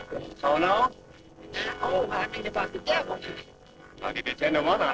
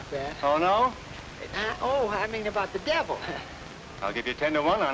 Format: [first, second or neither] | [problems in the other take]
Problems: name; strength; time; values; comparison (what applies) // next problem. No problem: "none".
second | noise reduction (neural separator model SepFormer DNS4)